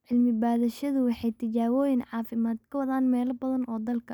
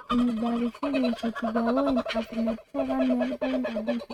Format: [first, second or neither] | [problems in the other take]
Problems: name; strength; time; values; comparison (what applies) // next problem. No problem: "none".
first | noise reduction (neural mask model RNNoise)